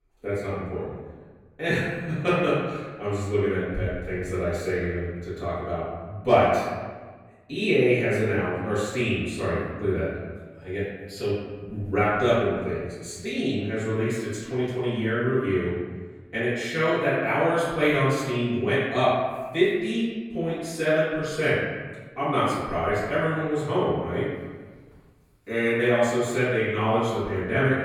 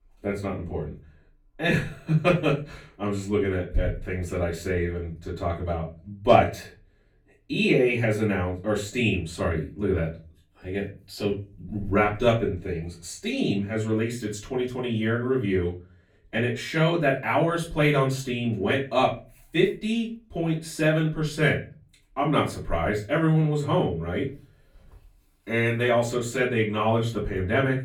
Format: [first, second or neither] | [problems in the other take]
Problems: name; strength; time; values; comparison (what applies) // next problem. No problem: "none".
second | room echo; strong; dies away in 1.4 s; slight in the second // off-mic speech; far; far in the second